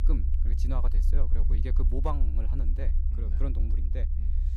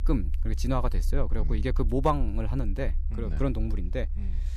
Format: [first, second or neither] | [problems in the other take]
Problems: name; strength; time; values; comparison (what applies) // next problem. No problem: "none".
second | low rumble; loud; throughout; 7 dB below the speech; faint in the second